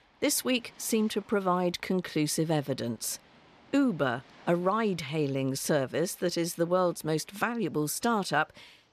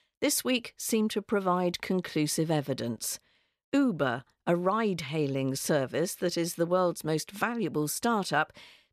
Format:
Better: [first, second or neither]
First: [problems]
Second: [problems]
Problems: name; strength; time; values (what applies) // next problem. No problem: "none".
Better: second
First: rain or running water; faint; throughout; 30 dB below the speech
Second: none